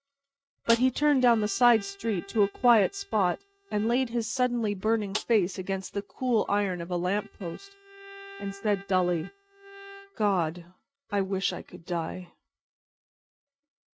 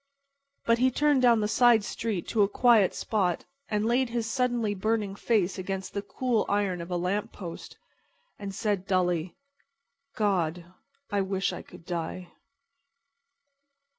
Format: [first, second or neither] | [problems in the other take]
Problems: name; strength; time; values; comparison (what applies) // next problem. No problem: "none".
second | noise reduction (neural mask model RNNoise)